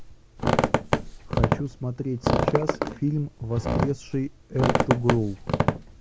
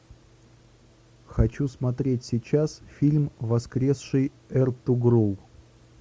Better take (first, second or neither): second